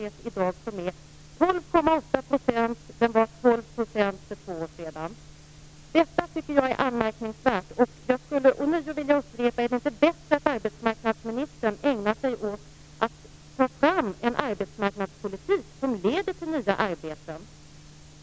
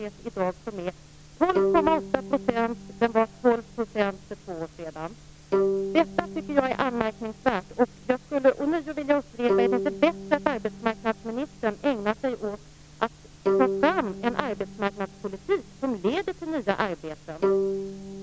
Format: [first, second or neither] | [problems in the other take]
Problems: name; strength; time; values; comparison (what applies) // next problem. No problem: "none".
first | background sound (Bowed string instrument); 5 dB below the speech